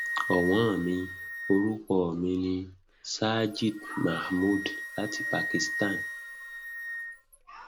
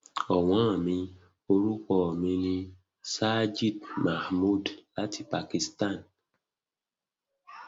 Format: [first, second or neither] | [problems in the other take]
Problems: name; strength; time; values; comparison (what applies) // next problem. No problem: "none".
second | background sound (Wind instrument, woodwind instrument); 7 dB below the speech